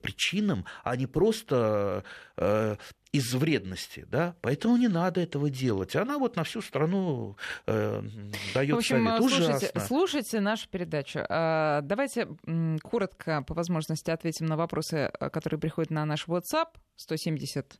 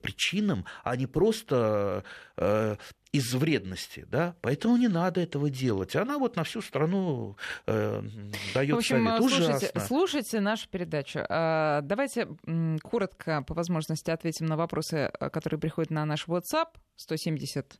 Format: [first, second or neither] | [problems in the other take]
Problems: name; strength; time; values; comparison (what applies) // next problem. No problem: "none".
neither | none